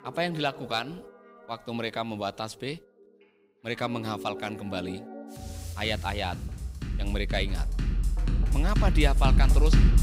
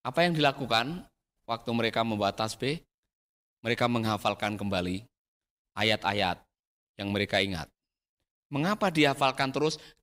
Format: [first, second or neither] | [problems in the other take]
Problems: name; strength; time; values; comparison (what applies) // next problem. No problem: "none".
second | background music; very loud; throughout; 3 dB above the speech